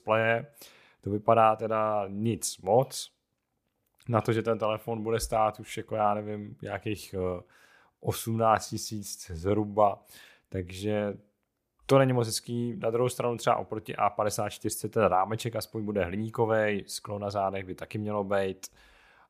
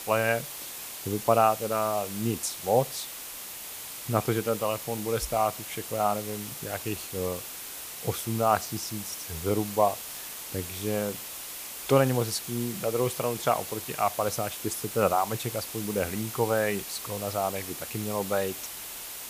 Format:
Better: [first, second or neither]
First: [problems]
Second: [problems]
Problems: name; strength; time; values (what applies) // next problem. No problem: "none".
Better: first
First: none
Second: hiss; loud; throughout; 7 dB below the speech